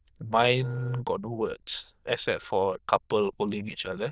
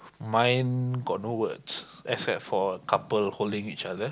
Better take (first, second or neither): second